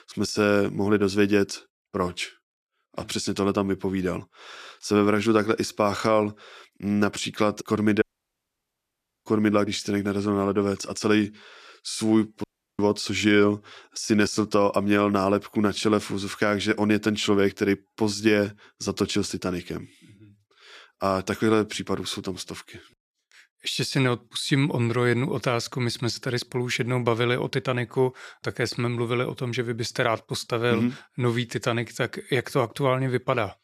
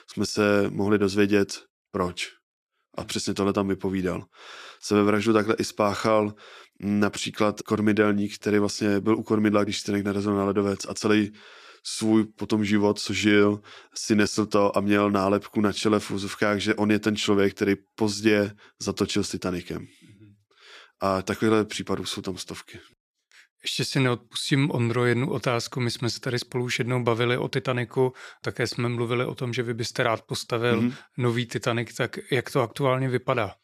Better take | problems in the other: second | audio cutting out; at 8 s for 1 s and at 12 s

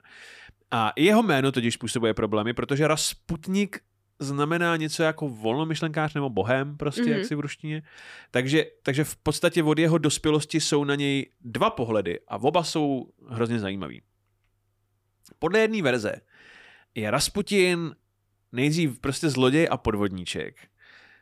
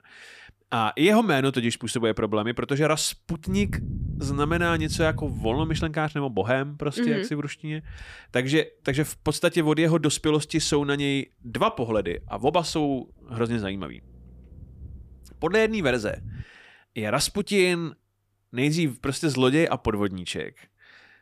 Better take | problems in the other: first | low rumble; faint; from 3.5 to 16 s; 20 dB below the speech

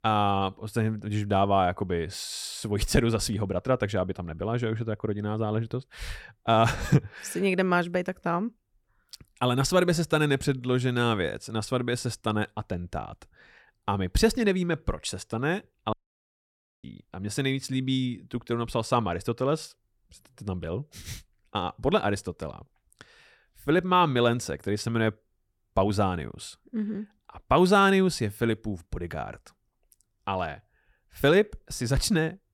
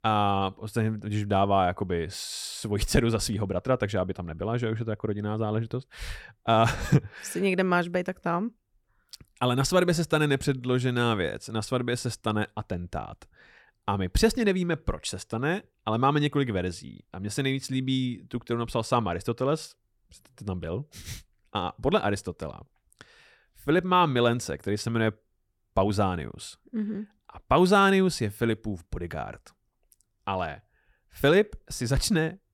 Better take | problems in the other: second | audio cutting out; at 16 s for 1 s

